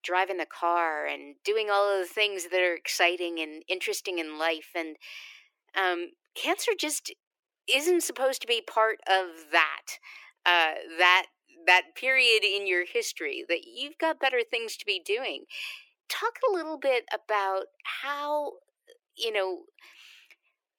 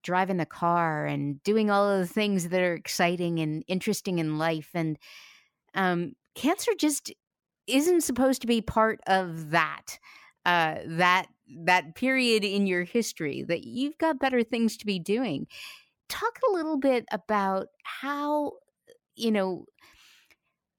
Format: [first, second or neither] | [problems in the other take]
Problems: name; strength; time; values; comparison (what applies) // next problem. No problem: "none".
second | thin; very; fading below 350 Hz